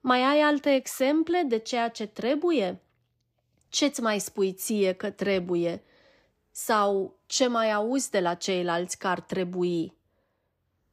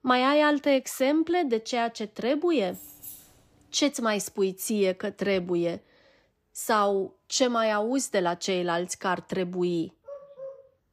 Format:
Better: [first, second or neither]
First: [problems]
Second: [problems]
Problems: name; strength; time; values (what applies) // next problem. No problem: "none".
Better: first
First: none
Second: jangling keys; faint; at 2.5 s; peak 15 dB below the speech // dog barking; faint; at 10 s; peak 15 dB below the speech